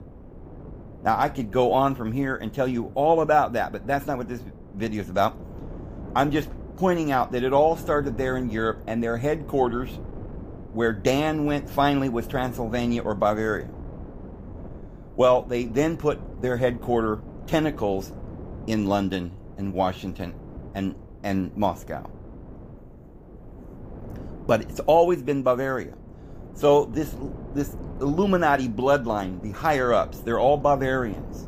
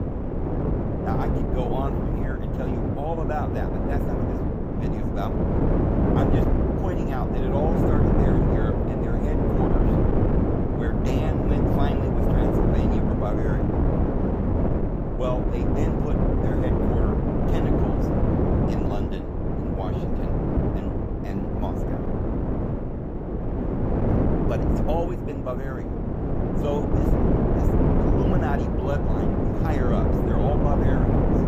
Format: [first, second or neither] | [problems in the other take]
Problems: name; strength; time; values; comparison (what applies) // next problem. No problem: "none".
first | wind noise on the microphone; heavy; 4 dB above the speech; occasional gusts in the first